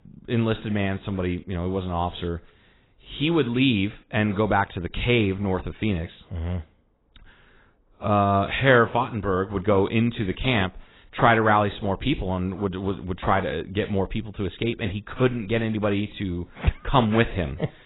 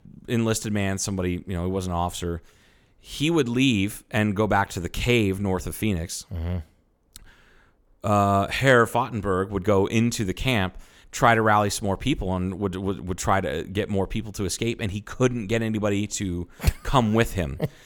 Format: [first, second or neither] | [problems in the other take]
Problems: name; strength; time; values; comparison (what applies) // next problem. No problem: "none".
second | garbled, watery; badly; nothing above 4 kHz